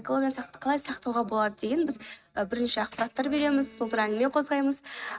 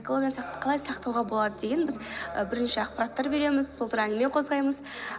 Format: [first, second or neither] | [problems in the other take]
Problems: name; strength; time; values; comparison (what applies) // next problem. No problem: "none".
second | noise reduction (neural mask model RNNoise)